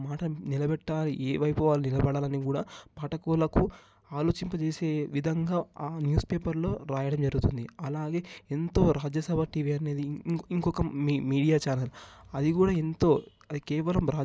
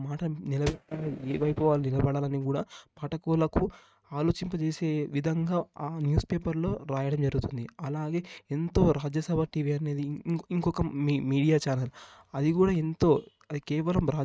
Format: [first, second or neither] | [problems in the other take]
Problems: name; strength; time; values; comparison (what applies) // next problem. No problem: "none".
first | noise reduction (neural mask model RNNoise)